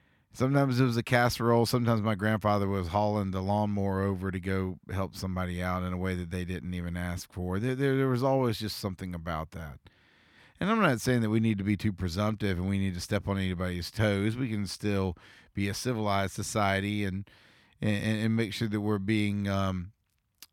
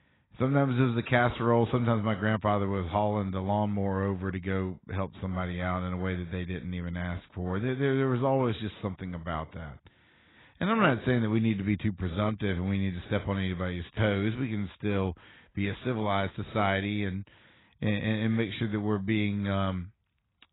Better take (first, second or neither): first